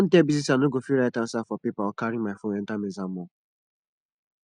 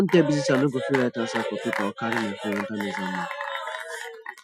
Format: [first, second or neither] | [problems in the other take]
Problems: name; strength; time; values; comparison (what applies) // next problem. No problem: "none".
first | noise reduction (classical method Wiener filter)